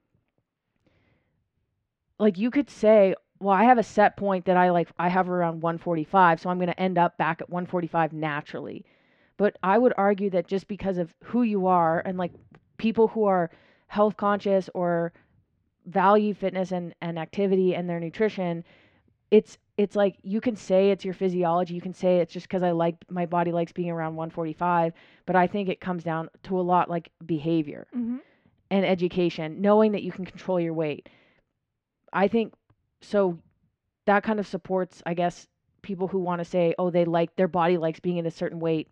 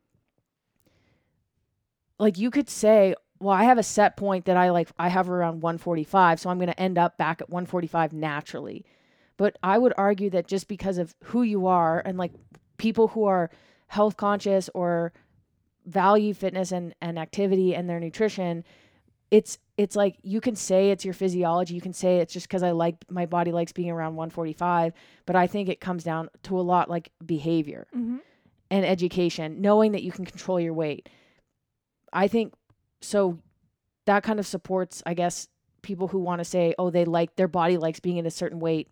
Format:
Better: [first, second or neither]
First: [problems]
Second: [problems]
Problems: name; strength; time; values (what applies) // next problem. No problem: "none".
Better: second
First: muffled; slightly; fading above 3 kHz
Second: none